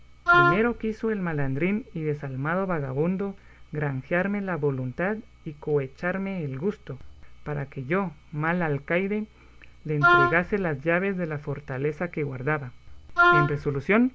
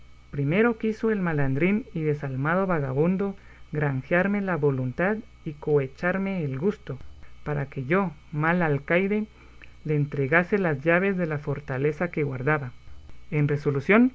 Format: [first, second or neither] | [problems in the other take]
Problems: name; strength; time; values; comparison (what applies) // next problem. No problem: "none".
second | background sound (Wind instrument, woodwind instrument); 4 dB above the speech